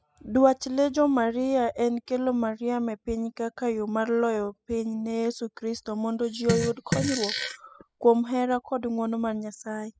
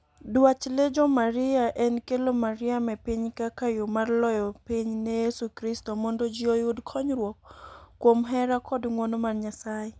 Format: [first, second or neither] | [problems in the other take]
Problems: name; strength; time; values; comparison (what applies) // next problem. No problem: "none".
second | noise reduction (classical method spectral subtraction)